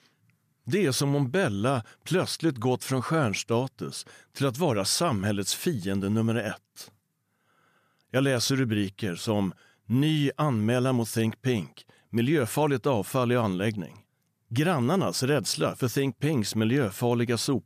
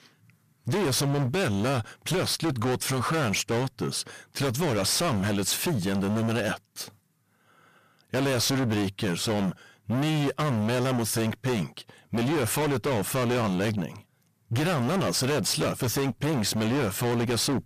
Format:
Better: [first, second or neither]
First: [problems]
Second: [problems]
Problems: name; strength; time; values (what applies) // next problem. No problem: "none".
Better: first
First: none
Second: distortion; heavy; 31% of the sound clipped